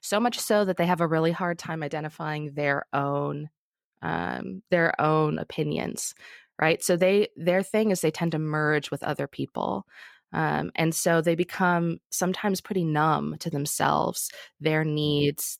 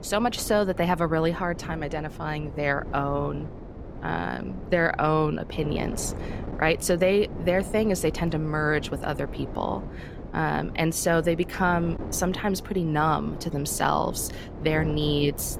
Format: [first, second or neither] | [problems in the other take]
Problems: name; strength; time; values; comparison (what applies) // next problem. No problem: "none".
first | wind noise on the microphone; occasional gusts; 15 dB below the speech